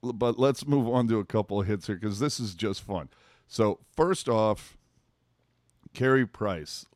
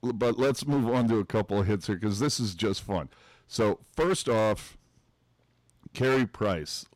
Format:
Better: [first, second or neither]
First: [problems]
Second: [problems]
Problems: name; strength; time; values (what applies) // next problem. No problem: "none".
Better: first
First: none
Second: distortion; heavy; 10% of the sound clipped